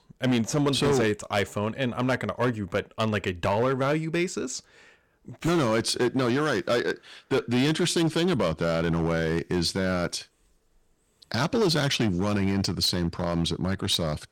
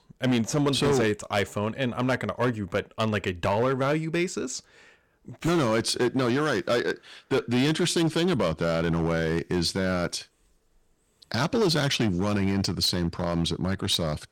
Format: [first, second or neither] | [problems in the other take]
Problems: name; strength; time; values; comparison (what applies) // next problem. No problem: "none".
neither | distortion; slight; 8% of the sound clipped; the same in both